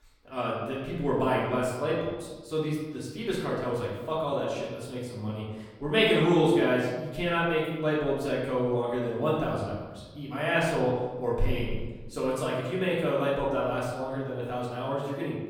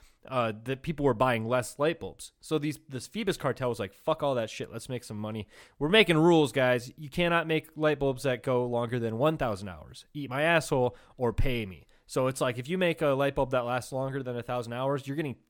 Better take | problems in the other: second | room echo; noticeable; dies away in 1.2 s // off-mic speech; far

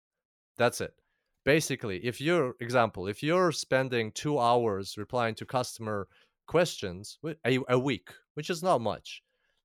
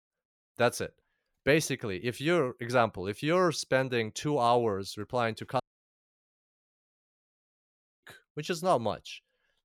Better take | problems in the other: first | audio cutting out; at 5.5 s for 2.5 s

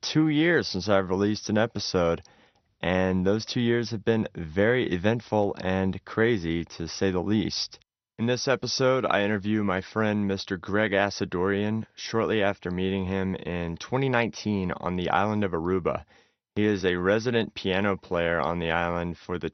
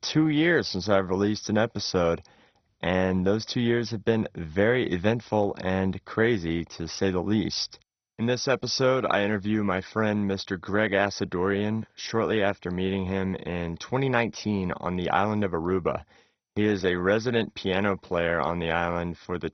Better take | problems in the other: first | garbled, watery; badly; nothing above 6 kHz; slightly in the first

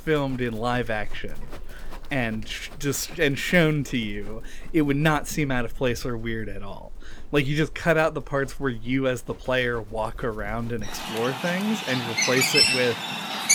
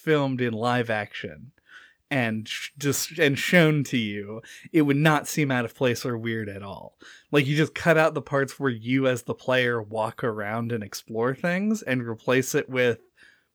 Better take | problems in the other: second | animal sounds; very loud; throughout; 2 dB above the speech

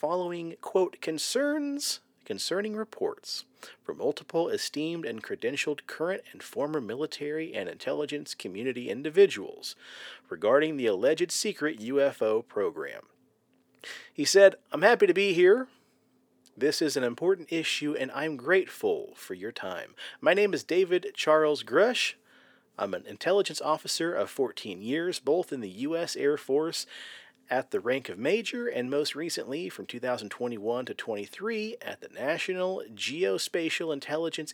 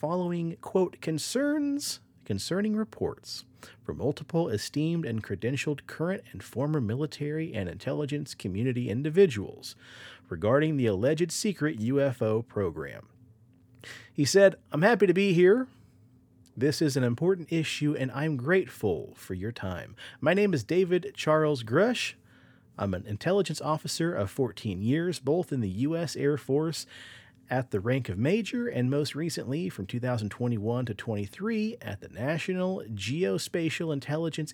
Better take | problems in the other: second | thin; somewhat; fading below 400 Hz

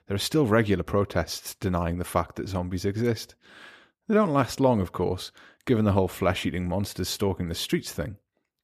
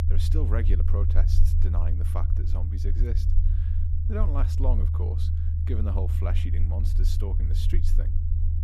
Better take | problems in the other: first | low rumble; loud; throughout; 3 dB below the speech

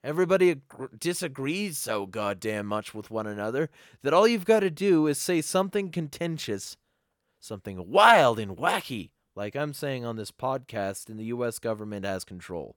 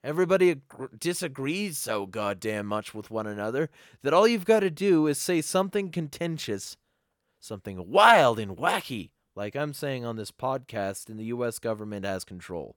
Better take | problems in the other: neither | none

